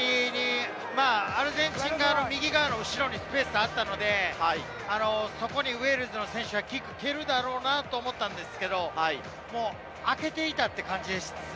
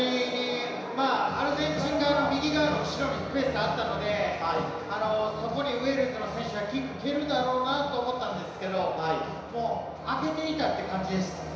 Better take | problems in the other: first | room echo; dies away in 1 s

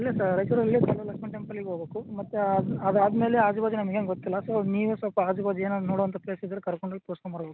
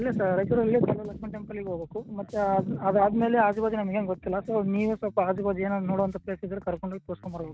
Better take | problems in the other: first | noise reduction (neural mask model RNNoise)

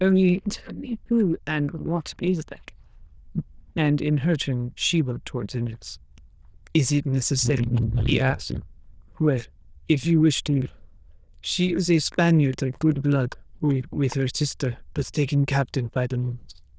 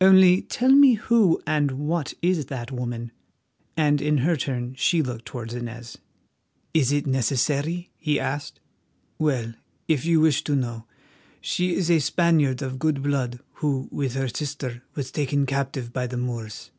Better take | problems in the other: second | noise reduction (neural diffusion model UNIVERSE++)

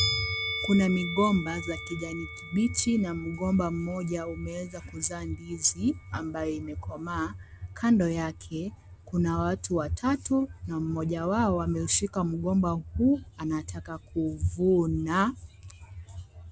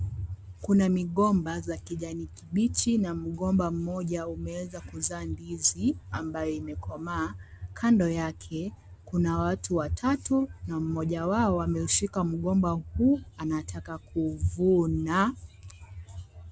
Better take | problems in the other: second | background sound (Musical instrument); 13 dB below the speech

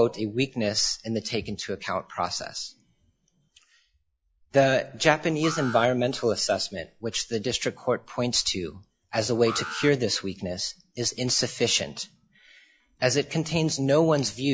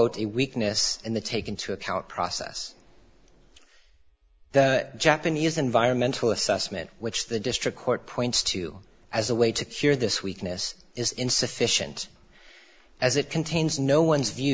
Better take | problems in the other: second | noise reduction (classical method log-MMSE)

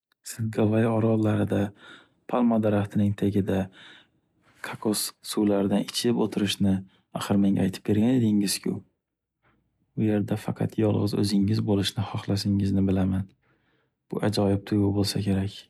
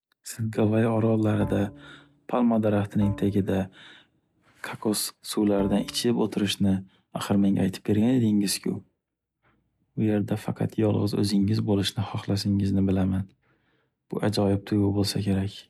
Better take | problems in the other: first | background sound (Bowed string instrument); 17 dB below the speech

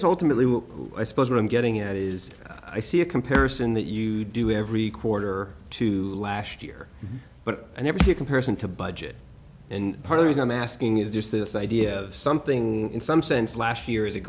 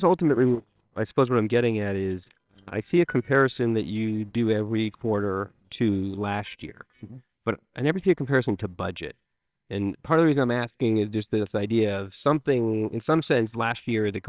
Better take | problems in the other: first | noise reduction (neural separator model SepFormer WHAMR!)

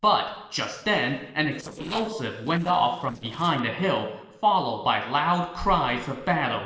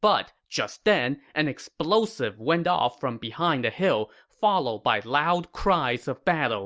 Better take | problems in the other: second | noise reduction (neural separator model SepFormer DNS4)

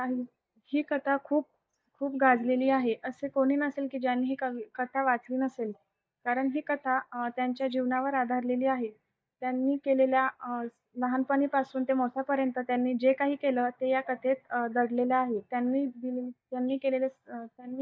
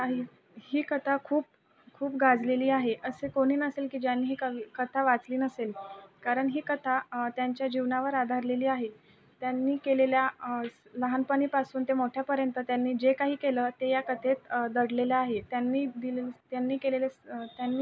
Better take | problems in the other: second | noise reduction (neural mask model DeepFilterNet 3)

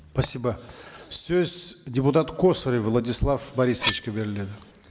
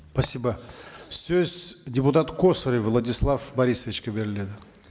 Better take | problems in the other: second | background sound (Cutlery, silverware); 8 dB below the speech

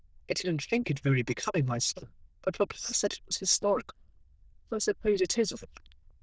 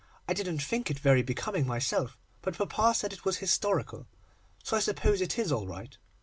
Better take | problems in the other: second | noise reduction (neural diffusion model UNIVERSE++)

